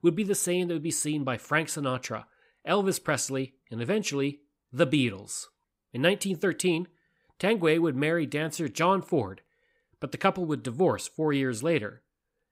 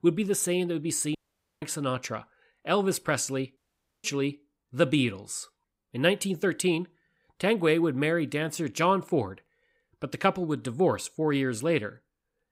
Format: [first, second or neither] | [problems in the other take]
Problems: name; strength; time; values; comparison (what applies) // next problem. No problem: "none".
first | audio cutting out; at 1 s and at 3.5 s